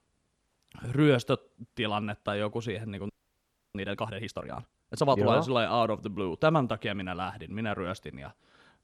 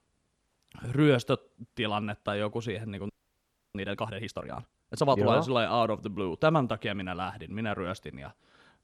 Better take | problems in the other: neither | audio freezing; at 3 s for 0.5 s; the same in both

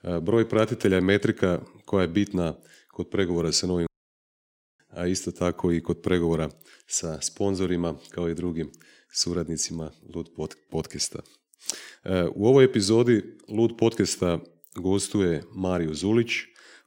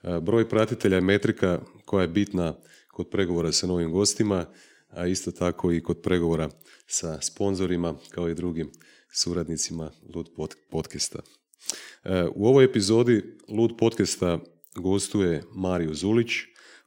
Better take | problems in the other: second | audio cutting out; at 4 s for 1 s

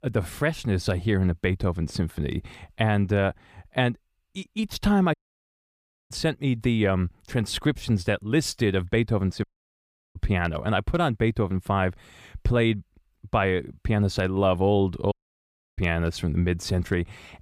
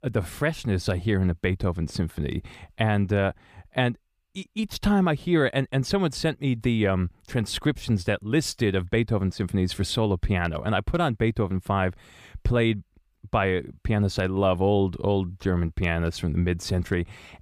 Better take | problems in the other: second | audio cutting out; at 5 s for 1 s, at 9.5 s for 0.5 s and at 15 s for 0.5 s

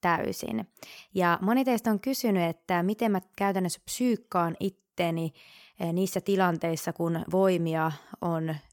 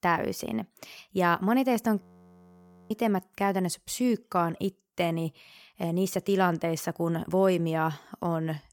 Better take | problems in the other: first | audio freezing; at 2 s for 1 s

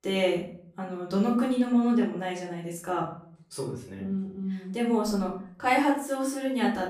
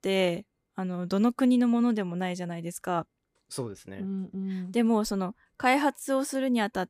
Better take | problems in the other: second | off-mic speech; far // room echo; slight; dies away in 0.5 s

